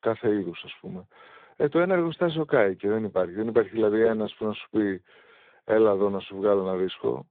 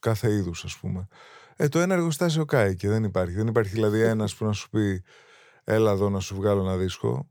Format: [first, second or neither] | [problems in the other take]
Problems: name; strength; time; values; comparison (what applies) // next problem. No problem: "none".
second | phone-call audio; poor line